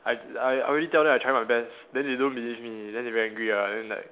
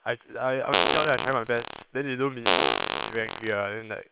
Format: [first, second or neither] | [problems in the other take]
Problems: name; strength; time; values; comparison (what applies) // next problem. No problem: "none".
first | noise reduction (neural separator model SepFormer WHAM!)